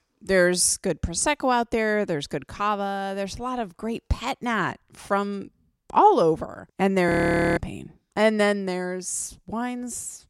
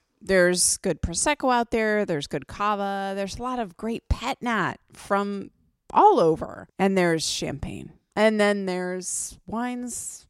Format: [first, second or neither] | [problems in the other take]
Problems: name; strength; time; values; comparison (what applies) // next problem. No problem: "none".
second | audio freezing; at 7 s